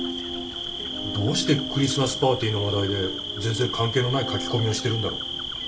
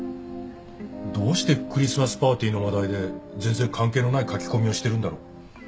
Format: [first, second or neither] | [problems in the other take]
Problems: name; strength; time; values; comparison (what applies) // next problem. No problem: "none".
second | background sound (Cricket); 7 dB below the speech // room echo; dies away in 0.5 s